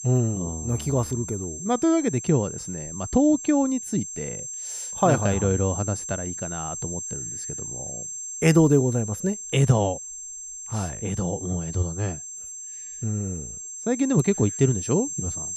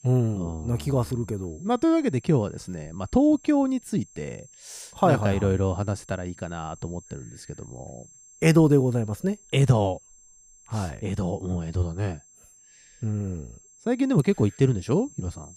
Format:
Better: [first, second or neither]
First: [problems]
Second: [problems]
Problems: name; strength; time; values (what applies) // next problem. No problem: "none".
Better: second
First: high-pitched whine; loud; throughout; 7.5 kHz, 8 dB below the speech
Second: high-pitched whine; faint; throughout; 7.5 kHz, 25 dB below the speech